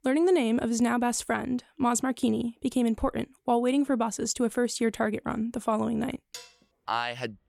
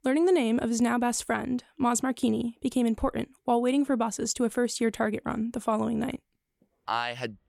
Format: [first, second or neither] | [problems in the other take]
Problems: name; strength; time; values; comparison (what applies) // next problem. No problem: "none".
second | clattering dishes; faint; at 6.5 s; peak 15 dB below the speech